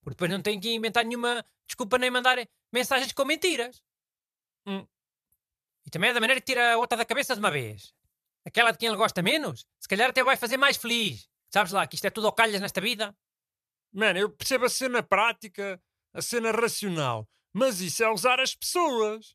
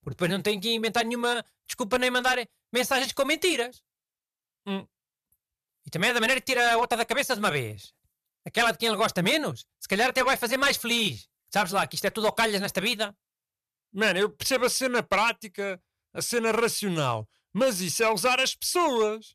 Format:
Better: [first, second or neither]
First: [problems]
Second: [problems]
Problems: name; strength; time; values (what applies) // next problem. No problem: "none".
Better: first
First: none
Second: distortion; slight; 4% of the sound clipped